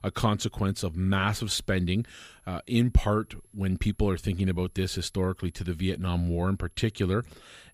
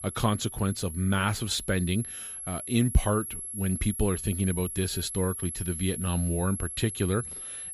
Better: first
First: high-pitched whine; faint; throughout; 11 kHz, 35 dB below the speech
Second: high-pitched whine; loud; throughout; 11 kHz, 7 dB below the speech

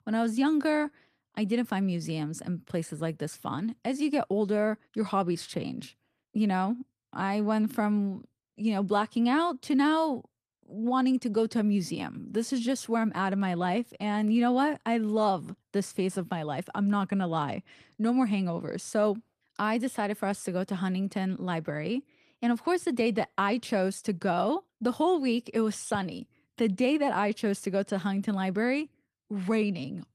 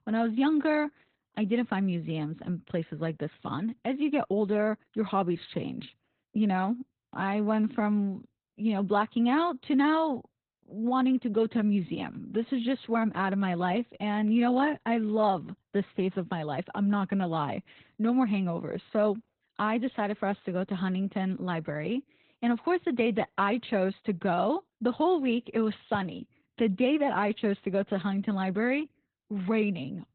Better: first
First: garbled, watery; slightly; nothing above 14.5 kHz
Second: garbled, watery; badly; nothing above 4 kHz

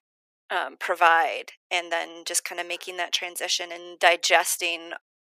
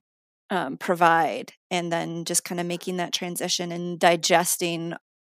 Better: second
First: thin; very; fading below 400 Hz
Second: none

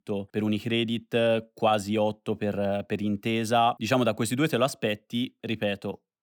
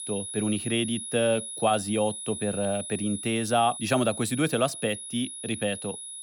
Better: first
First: none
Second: high-pitched whine; loud; throughout; 10.5 kHz, 7 dB below the speech

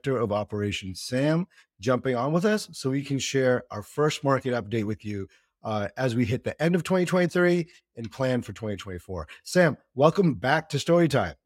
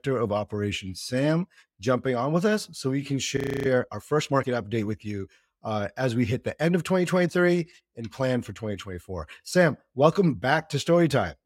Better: first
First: none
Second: audio freezing; at 3.5 s

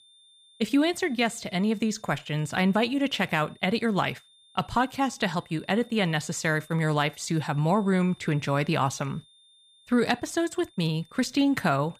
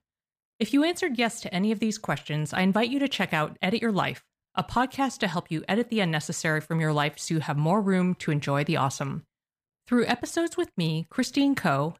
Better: second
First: high-pitched whine; faint; throughout; 3.5 kHz, 30 dB below the speech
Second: none

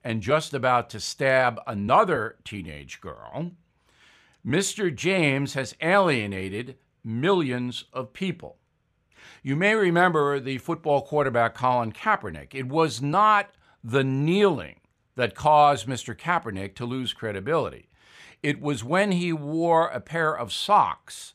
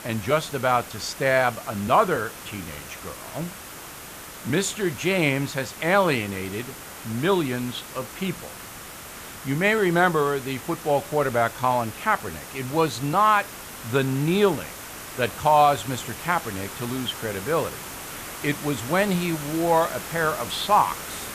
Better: first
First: none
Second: hiss; noticeable; throughout; 10 dB below the speech

